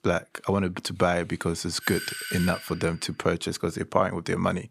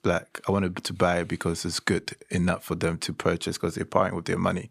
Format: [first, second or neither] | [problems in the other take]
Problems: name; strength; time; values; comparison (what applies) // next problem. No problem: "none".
second | doorbell; noticeable; from 2 to 3 s; peak 5 dB below the speech